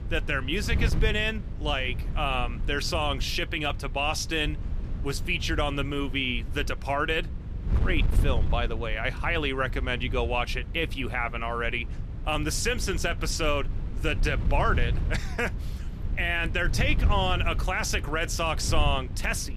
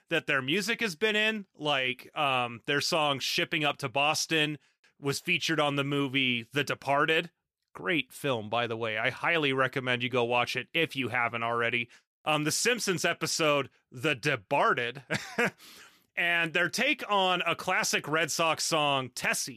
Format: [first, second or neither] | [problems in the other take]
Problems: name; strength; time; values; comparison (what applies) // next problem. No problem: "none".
second | wind noise on the microphone; occasional gusts; 15 dB below the speech